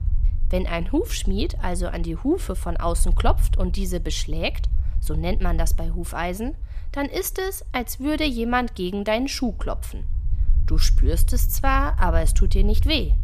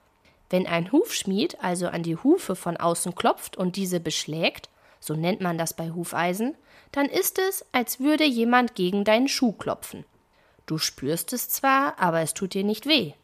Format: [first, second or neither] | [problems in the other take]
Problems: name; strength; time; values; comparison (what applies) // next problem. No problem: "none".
second | low rumble; faint; throughout; 20 dB below the speech